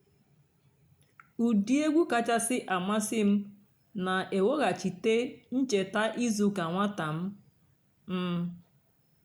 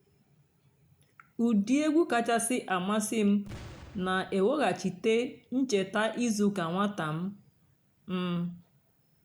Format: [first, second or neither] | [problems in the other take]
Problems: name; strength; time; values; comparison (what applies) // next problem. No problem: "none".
first | background sound (Boom); 19 dB below the speech